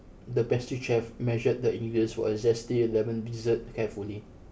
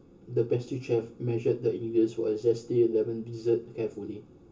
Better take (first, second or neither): first